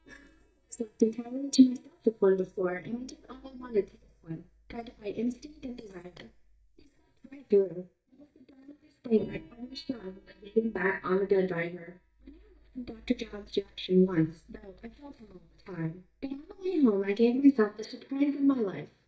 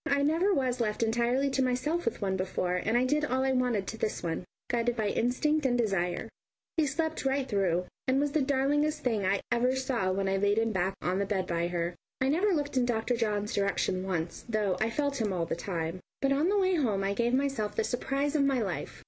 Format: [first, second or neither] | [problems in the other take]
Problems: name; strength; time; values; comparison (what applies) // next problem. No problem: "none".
second | noise reduction (neural mask model DeepFilterNet 3)